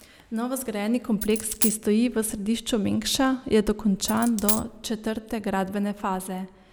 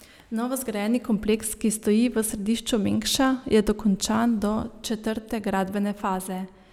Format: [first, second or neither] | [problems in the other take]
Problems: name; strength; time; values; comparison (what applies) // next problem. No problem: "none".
second | background sound (Coin (dropping)); 3 dB below the speech